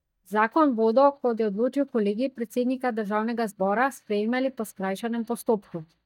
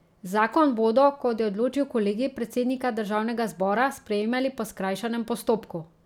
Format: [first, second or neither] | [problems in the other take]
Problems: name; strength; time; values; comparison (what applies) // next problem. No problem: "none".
second | noise reduction (neural mask model DeepFilterNet 3)